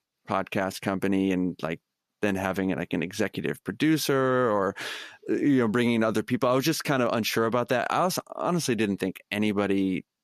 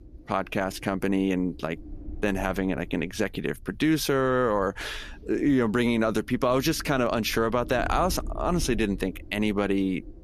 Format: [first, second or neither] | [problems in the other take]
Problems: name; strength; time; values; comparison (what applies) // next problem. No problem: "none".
first | wind noise on the microphone; occasional gusts; 25 dB below the speech